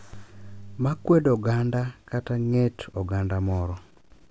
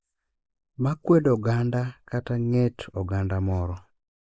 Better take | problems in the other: first | noise reduction (neural mask model Resemble Enhance denoiser)

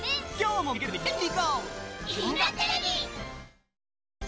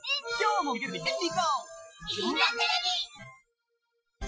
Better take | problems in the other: first | noise reduction (classical method Wiener filter)

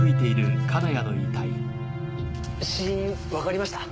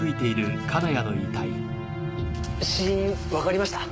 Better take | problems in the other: second | background sound (Marimba, xylophone); 1 dB above the speech

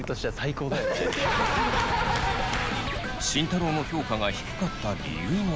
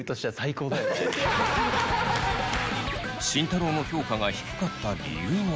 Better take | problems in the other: second | background sound (Bird); 11 dB below the speech

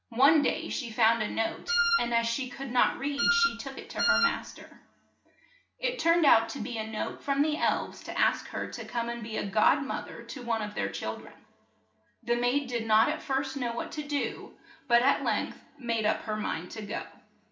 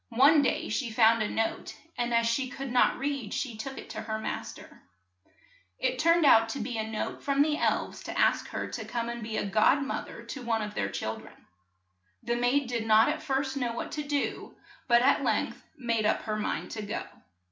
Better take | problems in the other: second | background sound (Wind instrument, woodwind instrument); 1 dB above the speech // room echo; dies away in 1 s

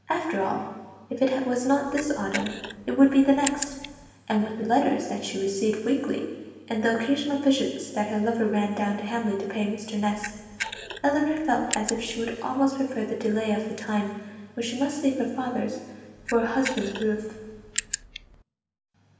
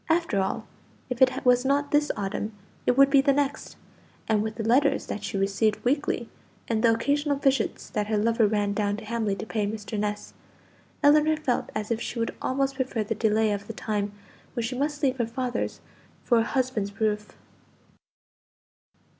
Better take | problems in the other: second | background sound (Camera); 10 dB below the speech // room echo; dies away in 1.4 s

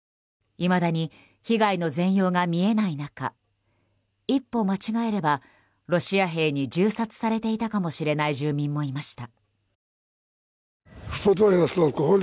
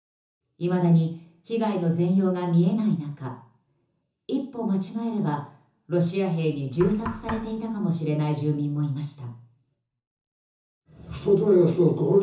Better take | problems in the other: first | background sound (Knock); 16 dB below the speech // room echo; dies away in 0.6 s

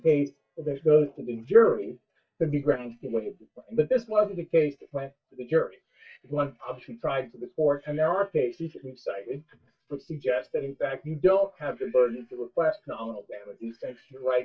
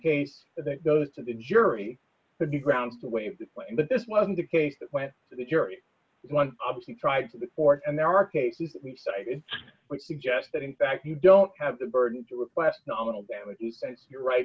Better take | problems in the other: second | noise reduction (neural mask model DeepFilterNet 3)

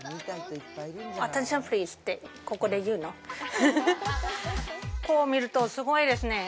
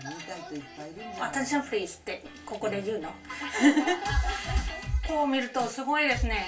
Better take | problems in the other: first | room echo; dies away in 0.2 s

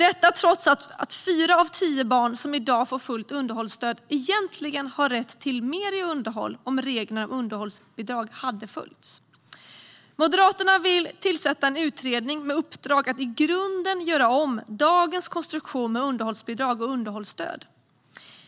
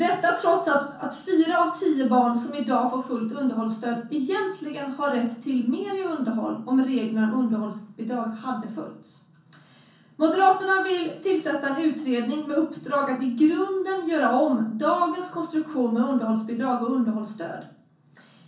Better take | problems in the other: first | room echo; dies away in 0.6 s

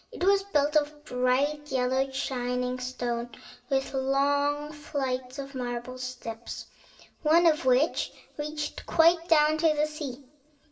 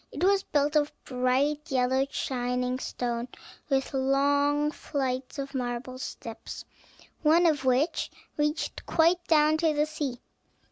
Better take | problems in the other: second | room echo; dies away in 0.7 s

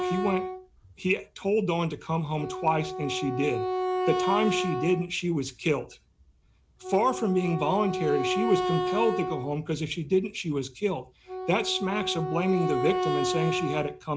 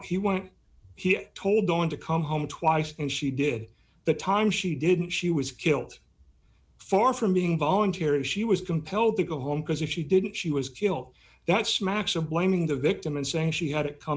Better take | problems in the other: second | background sound (Wind instrument, woodwind instrument); 3 dB below the speech

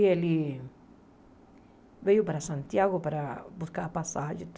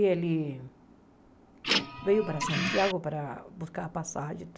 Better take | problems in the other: first | background sound (Printer); as loud as the speech

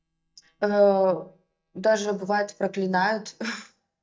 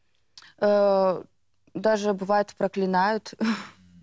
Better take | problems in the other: second | noise reduction (neural mask model DeepFilterNet 3)

